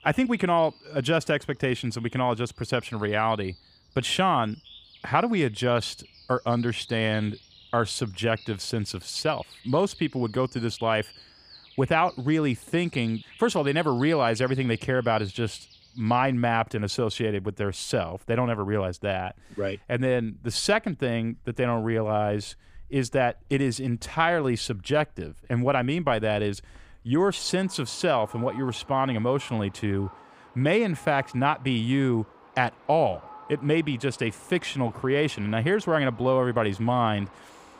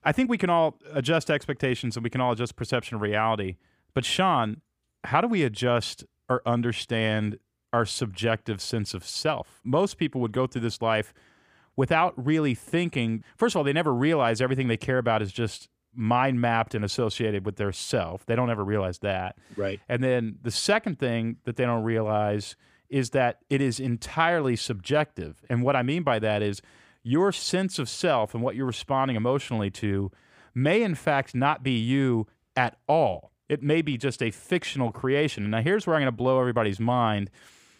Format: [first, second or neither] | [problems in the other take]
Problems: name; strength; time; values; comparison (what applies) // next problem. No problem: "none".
second | animal sounds; faint; throughout; 25 dB below the speech